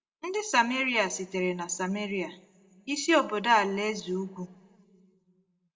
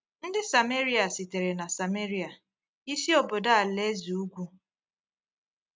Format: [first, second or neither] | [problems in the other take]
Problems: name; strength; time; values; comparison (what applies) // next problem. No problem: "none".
second | room echo; dies away in 1.3 s